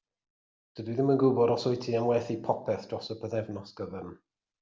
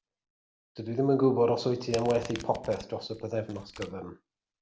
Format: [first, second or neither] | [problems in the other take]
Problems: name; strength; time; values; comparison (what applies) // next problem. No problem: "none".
first | background sound (Domestic sounds, home sounds); 16 dB below the speech